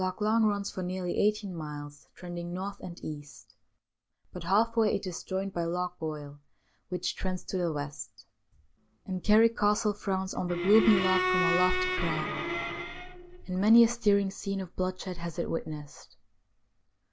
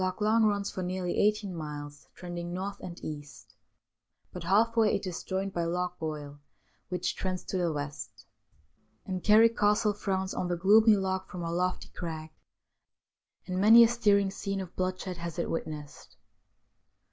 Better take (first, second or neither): second